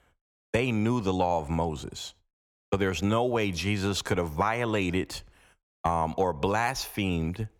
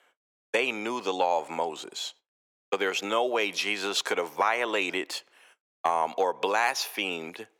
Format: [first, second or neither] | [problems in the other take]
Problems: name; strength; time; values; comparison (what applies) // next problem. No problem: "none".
first | thin; very; fading below 400 Hz